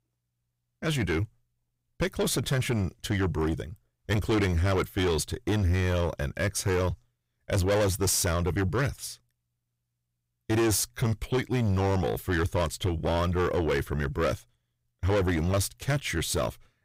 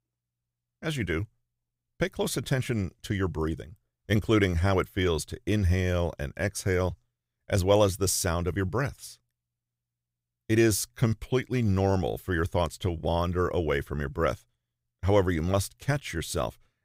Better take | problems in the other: second | distortion; heavy; 7 dB below the speech

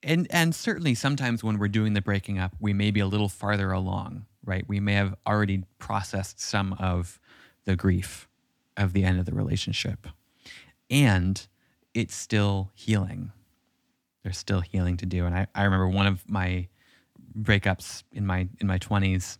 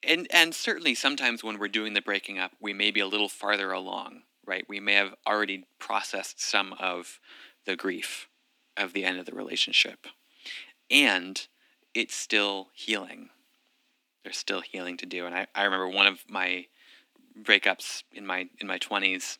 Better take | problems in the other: first | thin; very; fading below 300 Hz

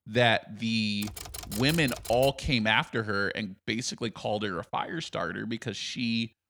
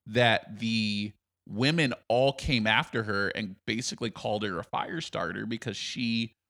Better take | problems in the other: second | keyboard typing; noticeable; from 1 to 2.5 s; peak 8 dB below the speech

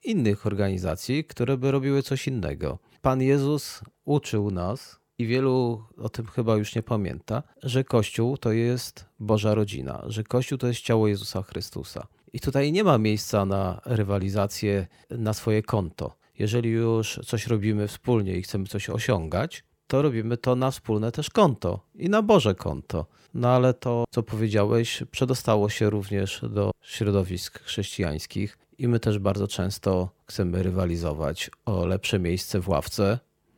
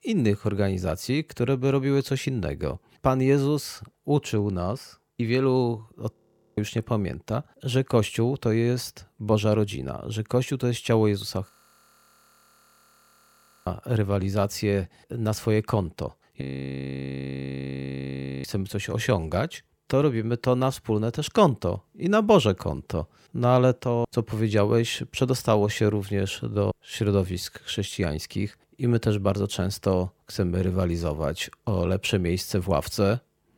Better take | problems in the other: first | audio freezing; at 6 s, at 11 s for 2 s and at 16 s for 2 s

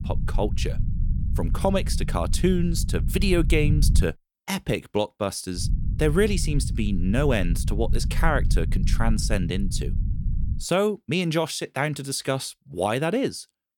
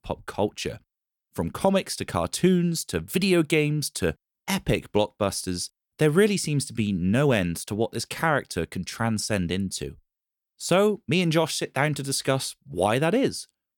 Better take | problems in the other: second | low rumble; noticeable; until 4 s and from 5.5 to 11 s; 15 dB below the speech

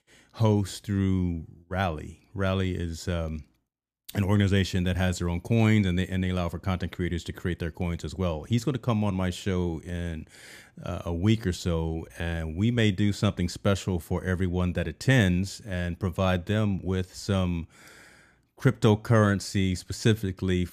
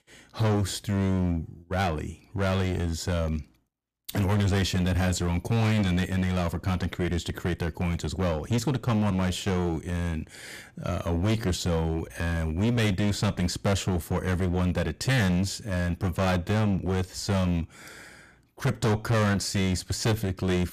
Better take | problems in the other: first | distortion; heavy; 15% of the sound clipped

